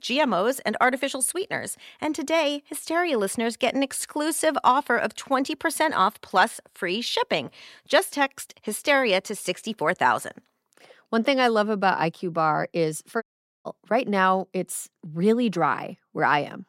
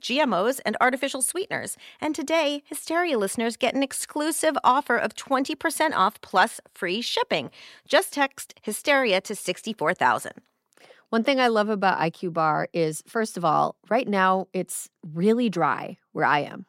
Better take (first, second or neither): second